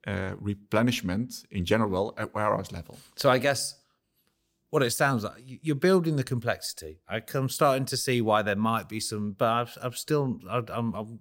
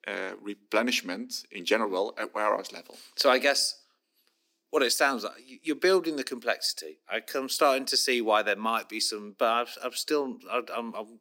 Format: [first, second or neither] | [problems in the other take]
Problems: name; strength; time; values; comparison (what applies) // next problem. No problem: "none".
first | thin; somewhat; fading below 250 Hz